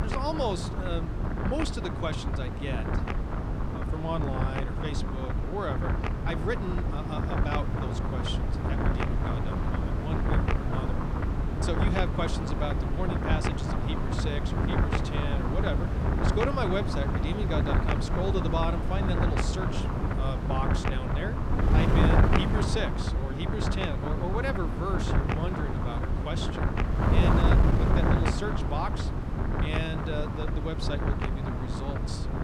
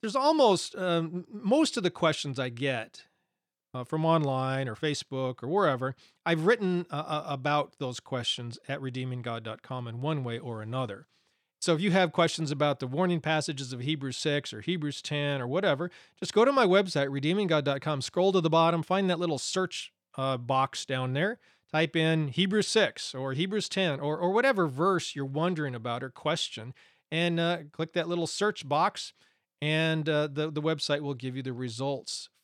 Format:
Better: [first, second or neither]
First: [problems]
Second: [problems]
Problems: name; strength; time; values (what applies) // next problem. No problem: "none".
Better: second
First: wind noise on the microphone; heavy; 1 dB above the speech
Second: none